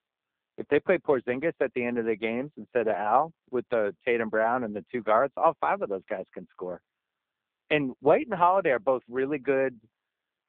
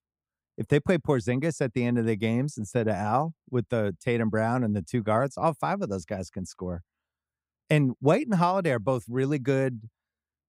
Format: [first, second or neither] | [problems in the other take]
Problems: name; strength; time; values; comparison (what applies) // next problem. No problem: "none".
second | phone-call audio; poor line